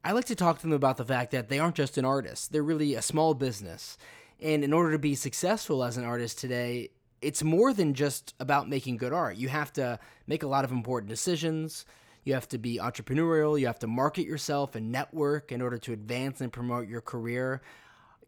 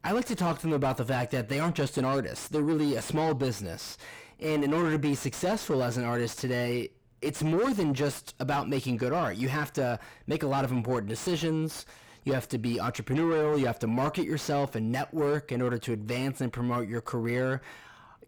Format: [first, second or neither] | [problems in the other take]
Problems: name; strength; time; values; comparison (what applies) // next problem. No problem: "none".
first | distortion; heavy; 7 dB below the speech